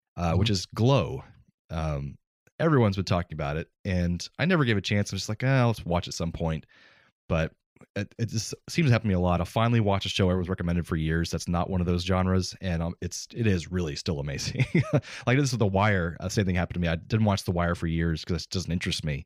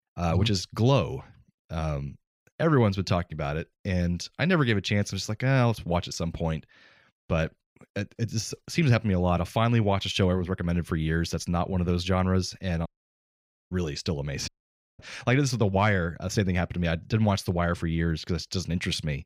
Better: first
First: none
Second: audio cutting out; at 13 s for 1 s and at 14 s for 0.5 s

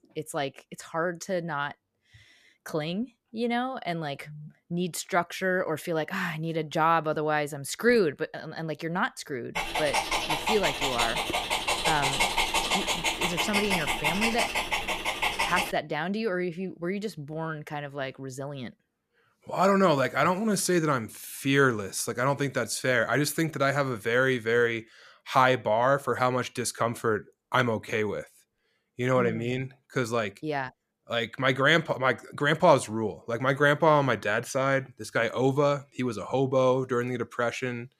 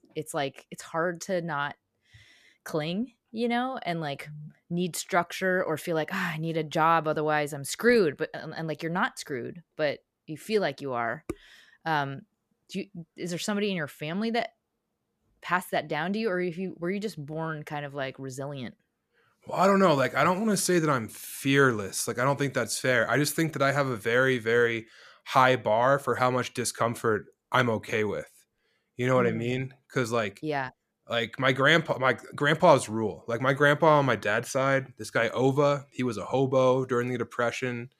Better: second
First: dog barking; loud; from 9.5 to 16 s; peak 3 dB above the speech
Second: none

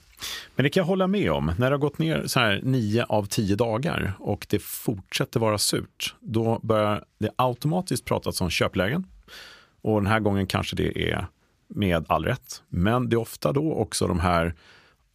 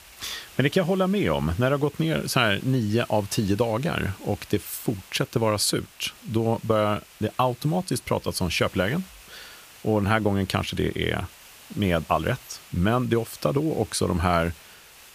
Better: first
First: none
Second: hiss; faint; throughout; 20 dB below the speech

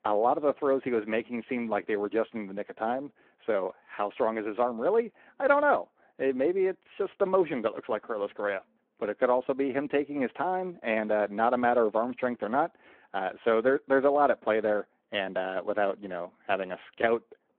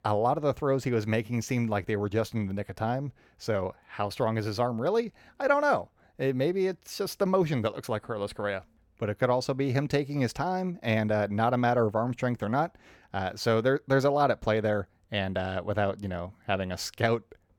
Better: second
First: phone-call audio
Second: none

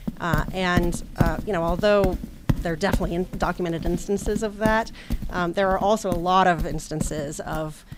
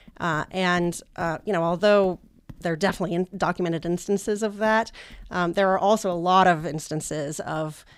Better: second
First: animal sounds; loud; throughout; 7 dB below the speech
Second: animal sounds; faint; throughout; 30 dB below the speech

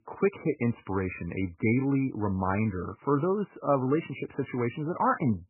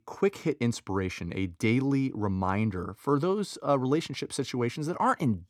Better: second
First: garbled, watery; badly; nothing above 2.5 kHz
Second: none

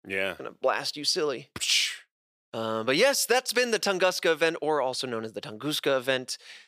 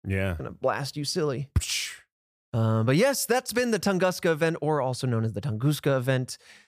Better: second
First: thin; somewhat; fading below 400 Hz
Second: none

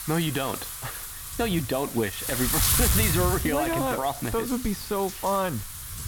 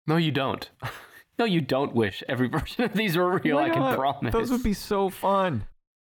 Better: second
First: wind noise on the microphone; heavy; 4 dB below the speech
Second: none

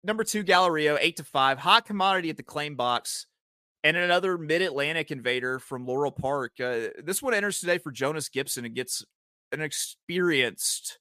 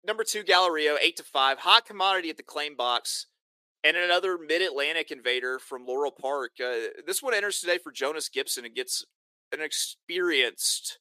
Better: first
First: none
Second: thin; somewhat; fading below 350 Hz

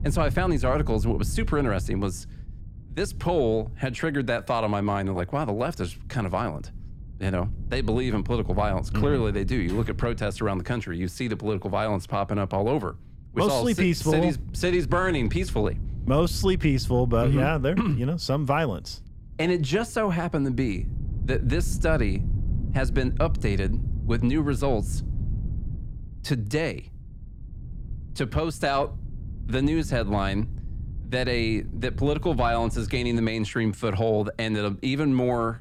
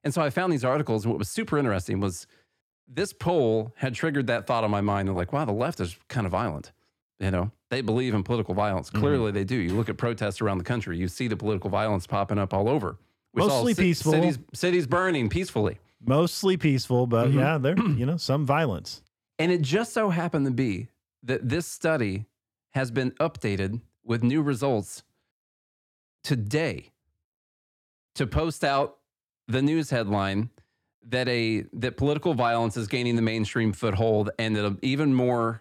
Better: second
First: wind noise on the microphone; occasional gusts; 20 dB below the speech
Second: none

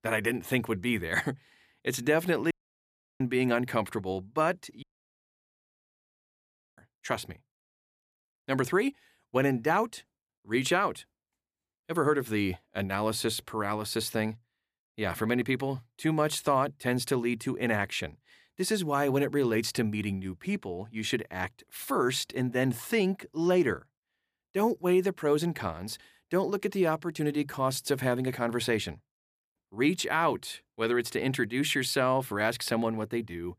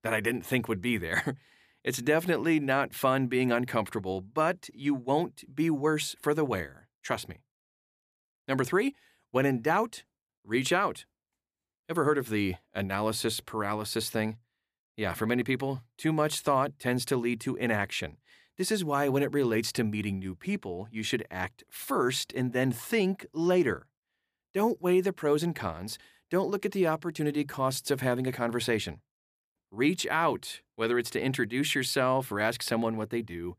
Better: second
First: audio cutting out; at 2.5 s for 0.5 s and at 5 s for 2 s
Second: none

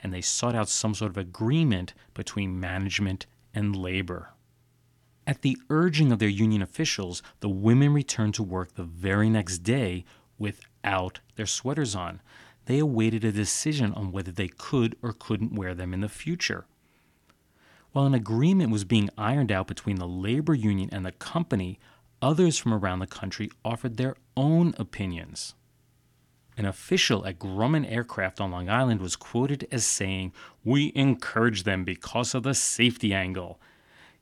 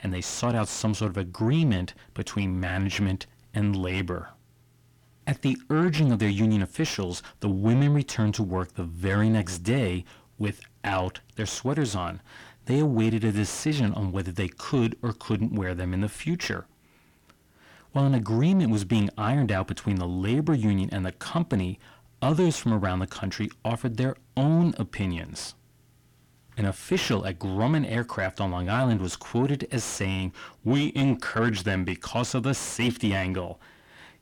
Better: first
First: none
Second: distortion; slight; 10 dB below the speech

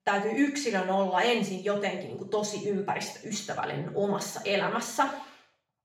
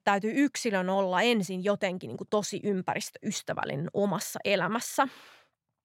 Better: second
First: room echo; noticeable; dies away in 0.5 s // off-mic speech; far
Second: none

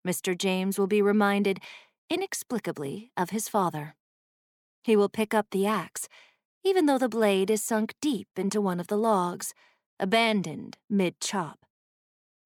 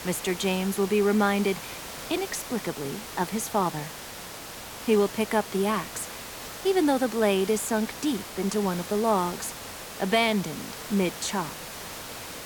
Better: first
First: none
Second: hiss; noticeable; throughout; 10 dB below the speech

